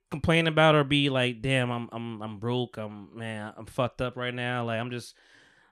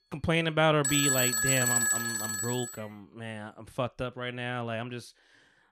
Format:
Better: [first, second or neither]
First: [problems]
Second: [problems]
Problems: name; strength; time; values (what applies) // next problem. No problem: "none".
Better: first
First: none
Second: alarms or sirens; very loud; until 2.5 s; 4 dB above the speech